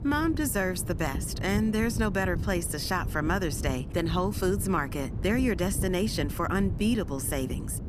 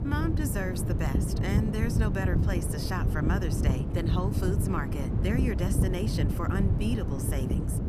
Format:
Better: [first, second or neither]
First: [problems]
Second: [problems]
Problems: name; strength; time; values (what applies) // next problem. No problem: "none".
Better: first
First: wind noise on the microphone; occasional gusts; 15 dB below the speech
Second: wind noise on the microphone; heavy; 2 dB below the speech